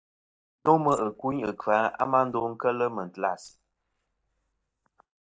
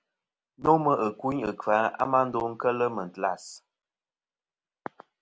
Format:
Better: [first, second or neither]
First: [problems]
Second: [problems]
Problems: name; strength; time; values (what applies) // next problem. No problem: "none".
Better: second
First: noise reduction (neural mask model DeepFilterNet 3)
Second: none